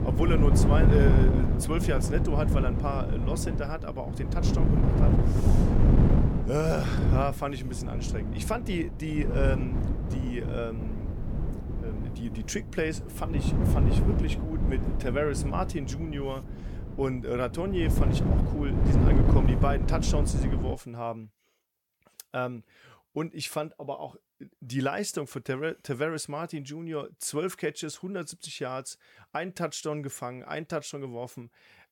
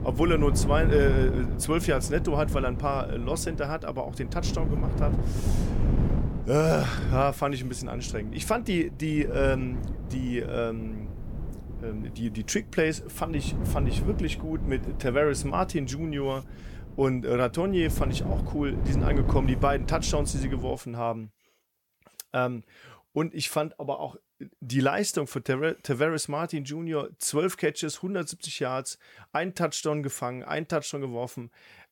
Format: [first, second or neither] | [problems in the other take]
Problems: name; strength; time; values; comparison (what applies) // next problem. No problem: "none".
second | wind noise on the microphone; heavy; until 21 s; 2 dB below the speech; occasional gusts in the second